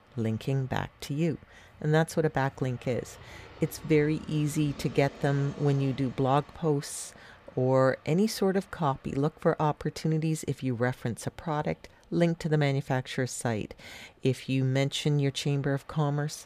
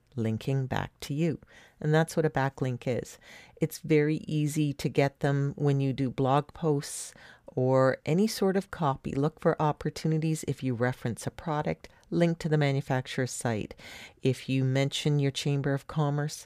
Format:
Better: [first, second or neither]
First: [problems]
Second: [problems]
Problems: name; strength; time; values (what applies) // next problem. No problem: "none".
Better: second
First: train or aircraft noise; faint; throughout; 25 dB below the speech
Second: none